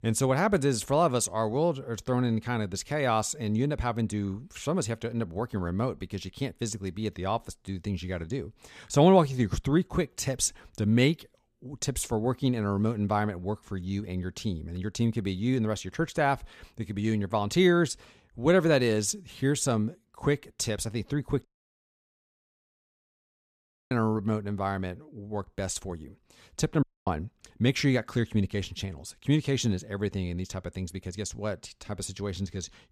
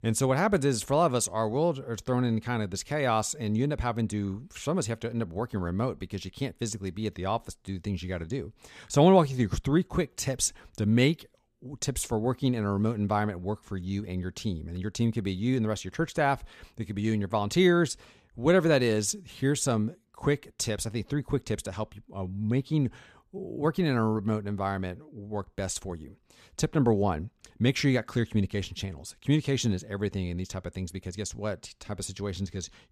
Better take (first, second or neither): second